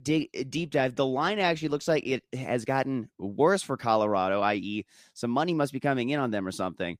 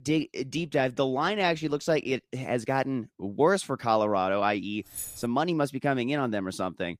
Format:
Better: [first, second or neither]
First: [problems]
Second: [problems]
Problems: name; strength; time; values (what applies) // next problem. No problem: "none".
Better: first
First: none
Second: jangling keys; noticeable; at 5 s; peak 9 dB below the speech